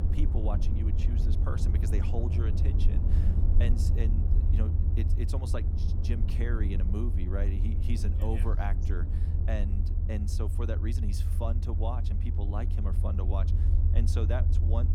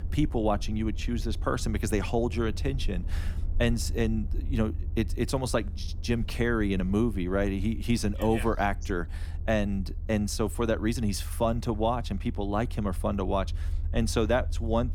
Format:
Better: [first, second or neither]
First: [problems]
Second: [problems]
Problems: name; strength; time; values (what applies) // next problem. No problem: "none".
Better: second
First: low rumble; loud; throughout; 3 dB below the speech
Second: low rumble; faint; throughout; 20 dB below the speech